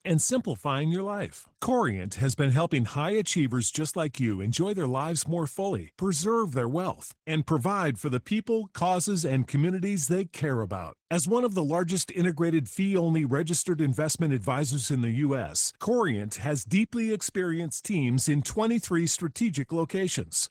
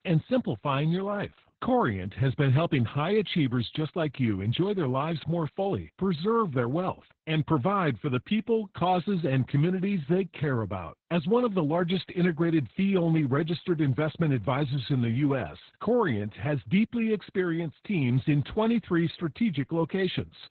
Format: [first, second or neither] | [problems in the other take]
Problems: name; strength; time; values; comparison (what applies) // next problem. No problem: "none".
first | garbled, watery; badly; nothing above 4 kHz; slightly in the first